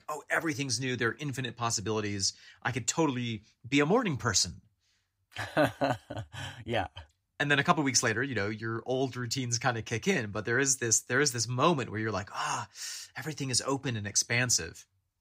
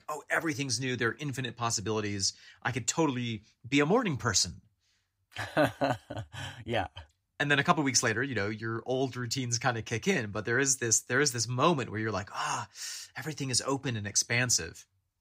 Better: neither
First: none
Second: none

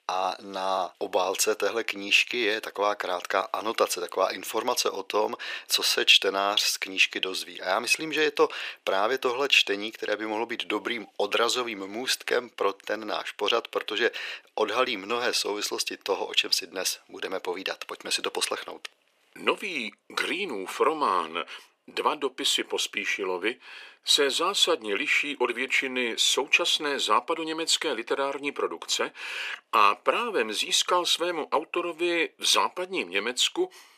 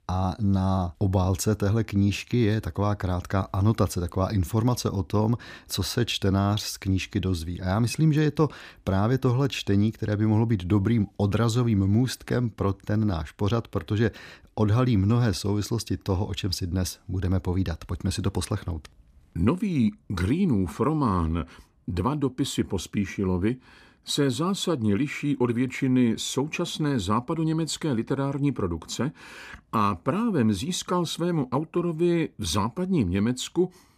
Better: second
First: thin; very; fading below 450 Hz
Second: none

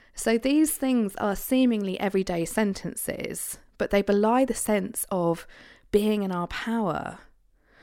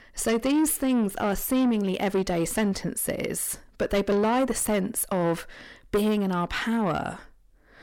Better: first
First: none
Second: distortion; slight; 10 dB below the speech

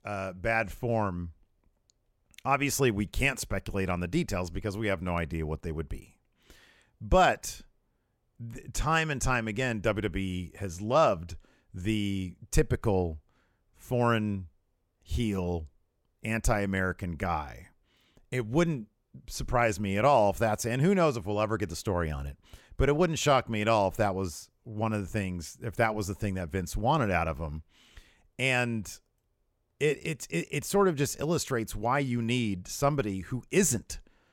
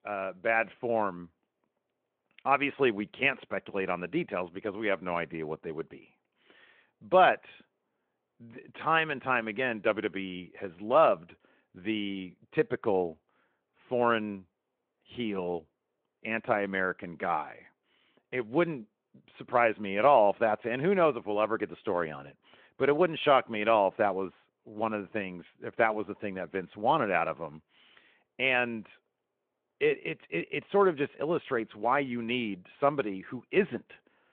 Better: first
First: none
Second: phone-call audio

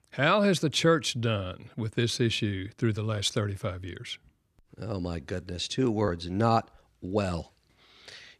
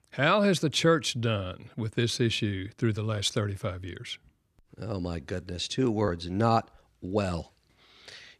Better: neither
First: none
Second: none

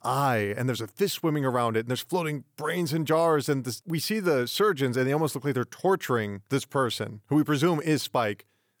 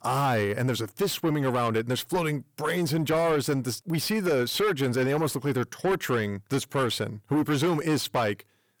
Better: first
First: none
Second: distortion; slight; 10 dB below the speech

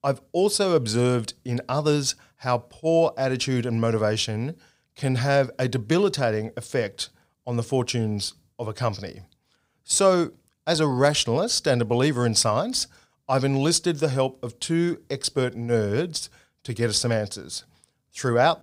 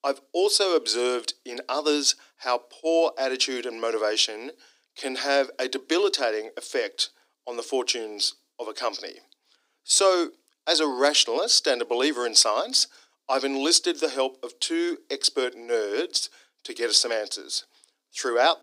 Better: first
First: none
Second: thin; somewhat; fading below 300 Hz

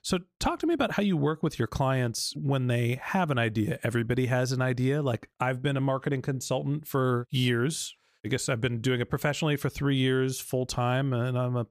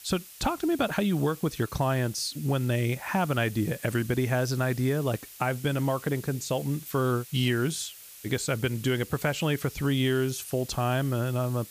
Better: first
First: none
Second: hiss; noticeable; throughout; 15 dB below the speech

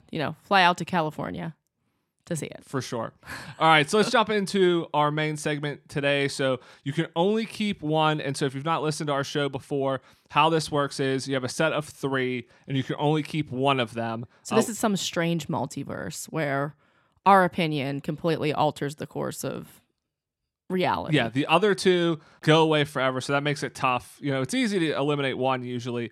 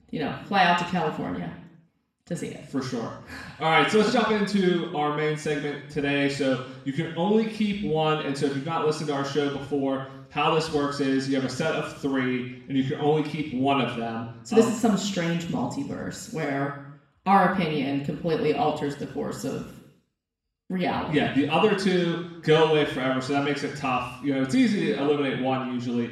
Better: first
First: none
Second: room echo; noticeable; dies away in 0.7 s // off-mic speech; far

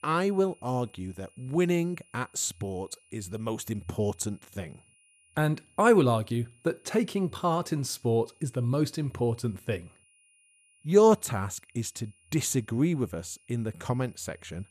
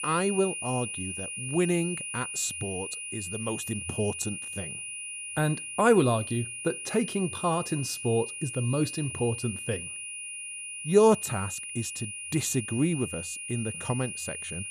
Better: first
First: high-pitched whine; faint; throughout; 2.5 kHz, 30 dB below the speech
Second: high-pitched whine; loud; throughout; 2.5 kHz, 6 dB below the speech

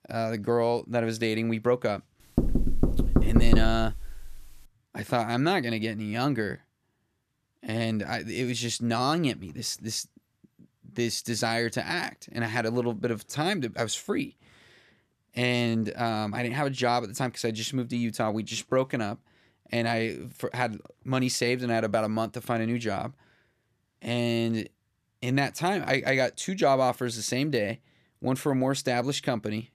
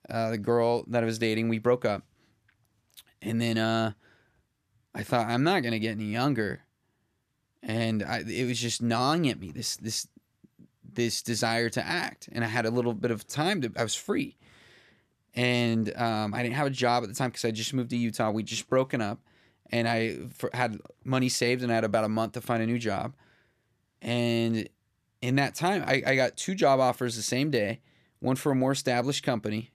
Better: second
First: door banging; loud; from 2.5 to 4 s; peak 5 dB above the speech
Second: none

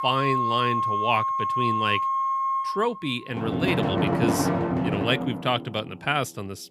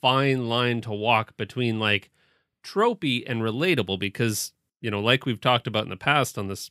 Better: second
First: background music; very loud; throughout; 2 dB above the speech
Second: none

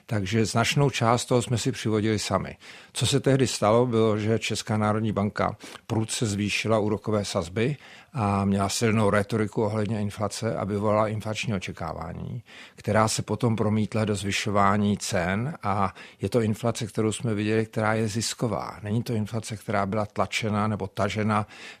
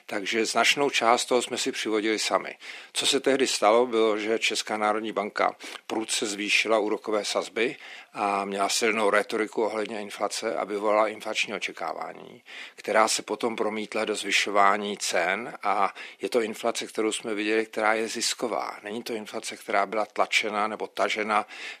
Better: first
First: none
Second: thin; somewhat; fading below 300 Hz

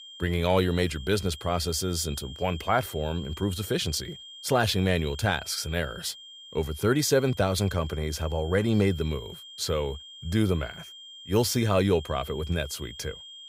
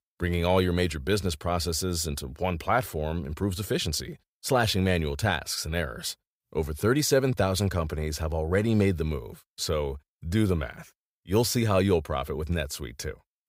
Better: second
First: high-pitched whine; noticeable; throughout; 3 kHz, 15 dB below the speech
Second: none

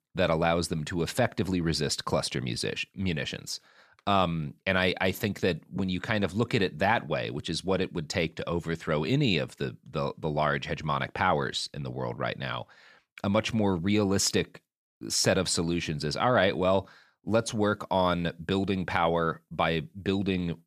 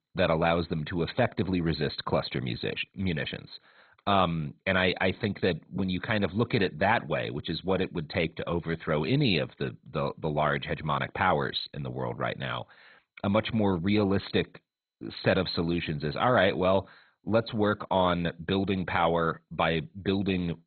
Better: first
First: none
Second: garbled, watery; badly; nothing above 4 kHz

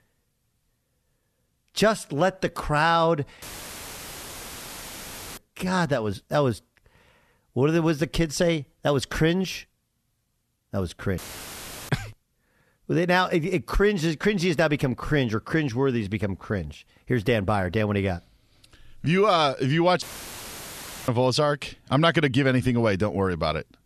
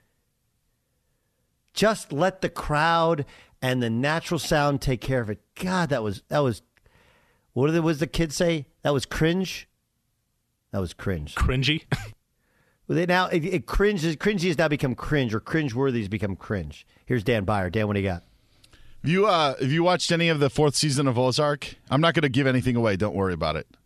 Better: second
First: audio cutting out; filled with static; at 3.5 s for 2 s, at 11 s for 0.5 s and at 20 s for 1 s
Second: none

